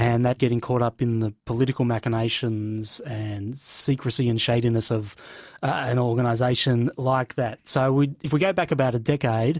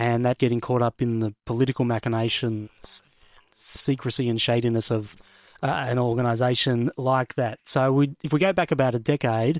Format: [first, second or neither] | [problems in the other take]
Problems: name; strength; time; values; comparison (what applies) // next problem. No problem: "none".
first | noise reduction (neural separator model SepFormer WHAM!)